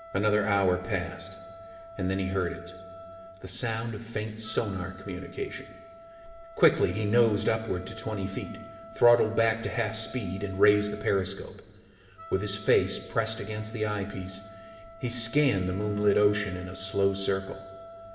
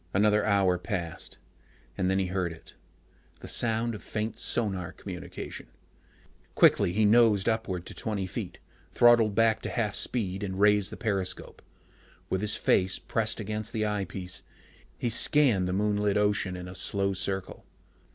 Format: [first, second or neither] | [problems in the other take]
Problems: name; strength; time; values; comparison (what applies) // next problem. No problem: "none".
second | background sound (Wind instrument, woodwind instrument); 17 dB below the speech // room echo; dies away in 2.5 s